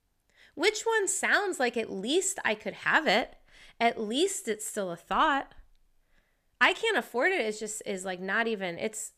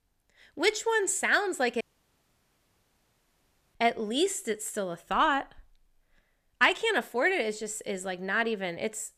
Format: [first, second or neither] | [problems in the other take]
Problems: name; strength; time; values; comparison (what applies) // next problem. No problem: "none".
first | audio cutting out; at 2 s for 2 s